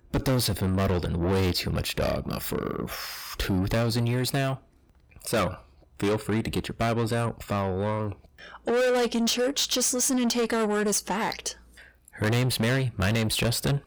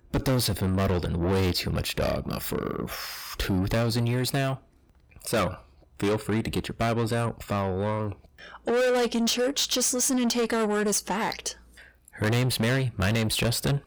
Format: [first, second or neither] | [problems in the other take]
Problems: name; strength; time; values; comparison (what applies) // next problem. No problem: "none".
neither | distortion; heavy; 6 dB below the speech; the same in both